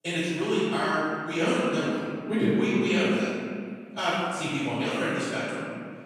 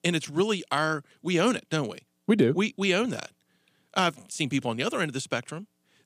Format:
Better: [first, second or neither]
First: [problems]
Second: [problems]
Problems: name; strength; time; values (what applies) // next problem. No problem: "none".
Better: second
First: off-mic speech; far // room echo; strong; dies away in 1.8 s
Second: none